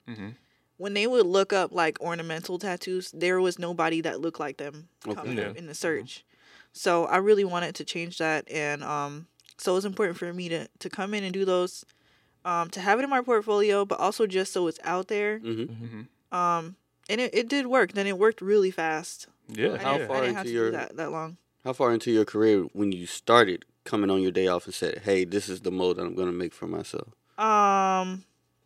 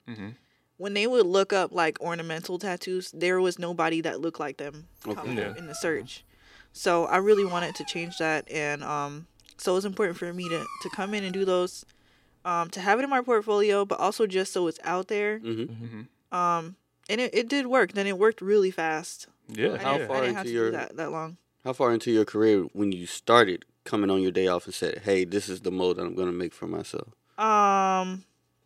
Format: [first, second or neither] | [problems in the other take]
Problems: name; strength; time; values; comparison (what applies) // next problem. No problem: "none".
first | dog barking; faint; from 5 to 11 s; peak 10 dB below the speech